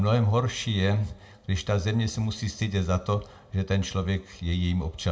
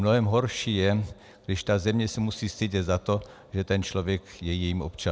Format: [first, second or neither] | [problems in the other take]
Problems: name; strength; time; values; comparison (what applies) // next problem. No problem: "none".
second | room echo; dies away in 0.3 s